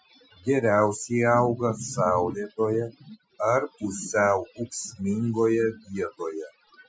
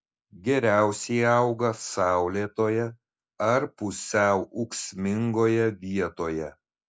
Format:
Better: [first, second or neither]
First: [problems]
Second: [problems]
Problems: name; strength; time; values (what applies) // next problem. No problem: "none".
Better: second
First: noise reduction (classical method Wiener filter)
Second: none